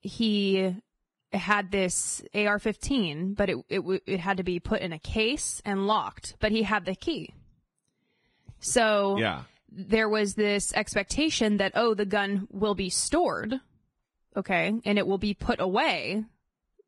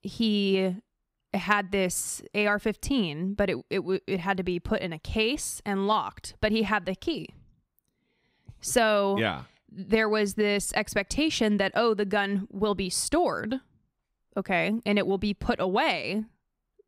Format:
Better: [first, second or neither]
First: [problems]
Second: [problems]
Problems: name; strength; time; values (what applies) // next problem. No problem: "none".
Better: second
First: garbled, watery; badly; nothing above 10 kHz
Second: none